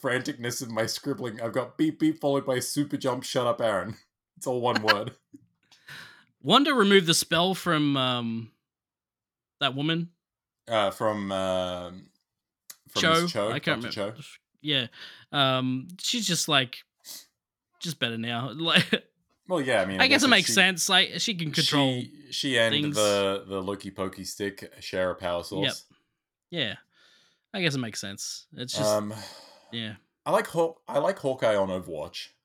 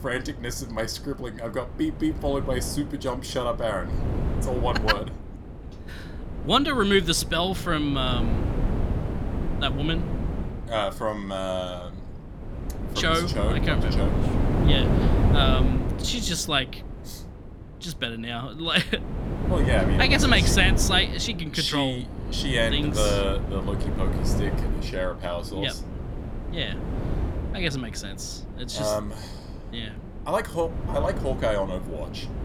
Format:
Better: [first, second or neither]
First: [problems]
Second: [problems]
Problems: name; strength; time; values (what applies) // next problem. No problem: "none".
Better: first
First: none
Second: wind noise on the microphone; heavy; 10 dB below the speech